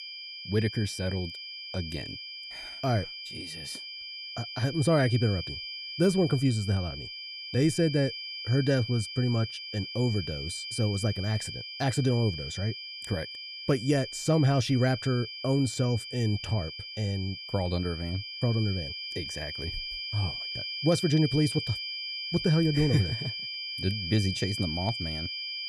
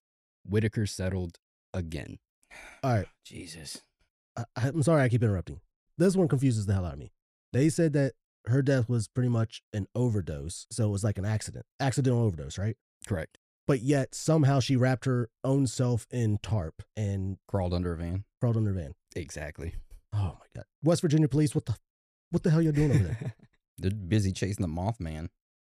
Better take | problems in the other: second | high-pitched whine; loud; throughout; 5 kHz, 7 dB below the speech

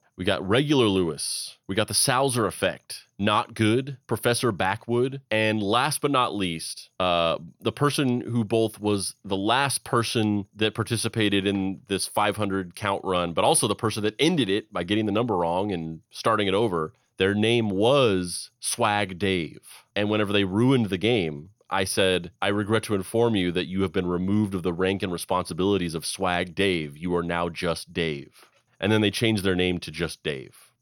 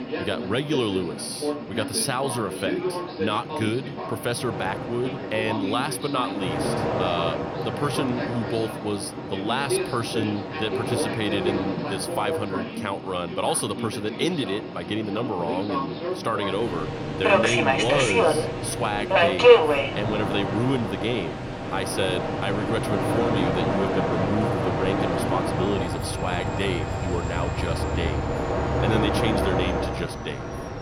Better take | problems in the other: first | train or aircraft noise; very loud; throughout; 2 dB above the speech

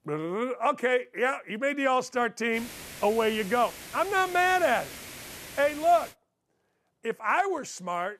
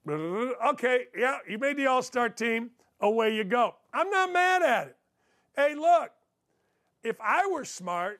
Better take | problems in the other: second | hiss; noticeable; from 2.5 to 6 s; 15 dB below the speech

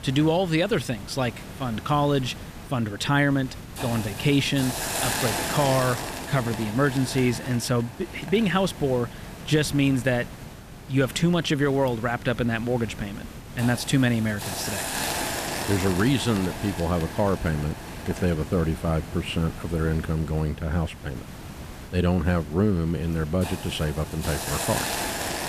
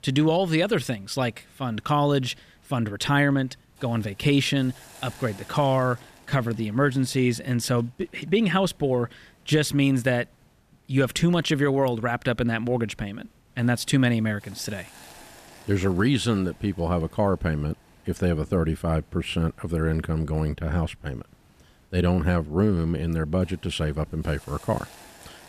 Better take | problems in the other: second | hiss; loud; throughout; 8 dB below the speech; faint in the second

